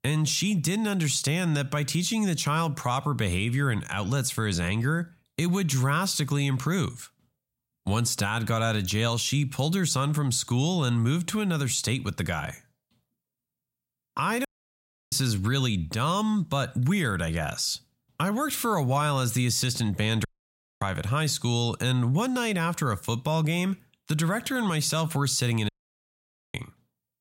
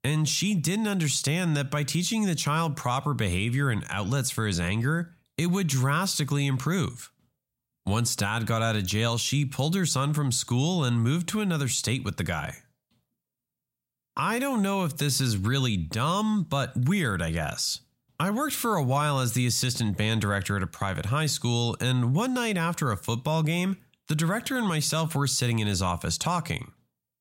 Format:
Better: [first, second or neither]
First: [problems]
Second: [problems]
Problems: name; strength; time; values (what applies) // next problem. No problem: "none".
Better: second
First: audio cutting out; at 14 s for 0.5 s, at 20 s for 0.5 s and at 26 s for 1 s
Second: none